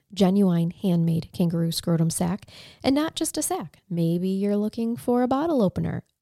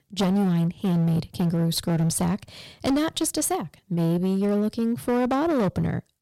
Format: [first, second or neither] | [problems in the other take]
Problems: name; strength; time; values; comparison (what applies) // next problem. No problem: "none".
first | distortion; slight; 17% of the sound clipped